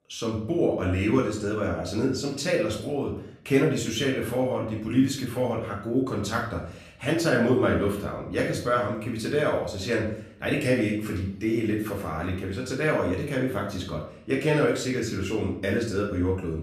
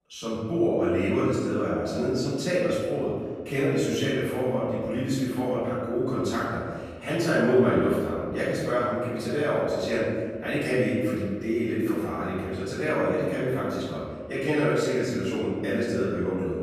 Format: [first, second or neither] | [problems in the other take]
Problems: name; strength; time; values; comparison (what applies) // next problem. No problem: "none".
first | room echo; strong; dies away in 1.6 s; slight in the first // off-mic speech; far; far in the first